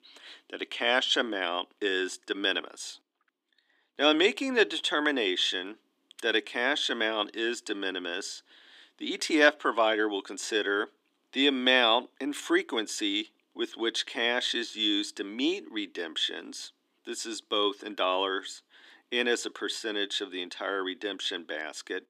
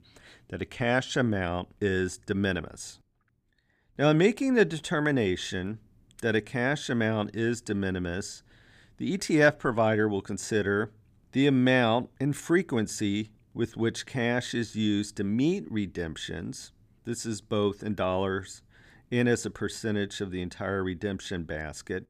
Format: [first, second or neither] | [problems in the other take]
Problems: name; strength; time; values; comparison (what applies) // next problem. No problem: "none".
second | thin; somewhat; fading below 300 Hz